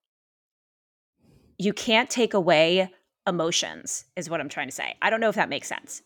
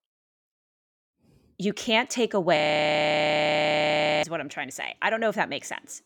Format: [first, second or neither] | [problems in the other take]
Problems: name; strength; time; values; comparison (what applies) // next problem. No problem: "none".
first | audio freezing; at 2.5 s for 1.5 s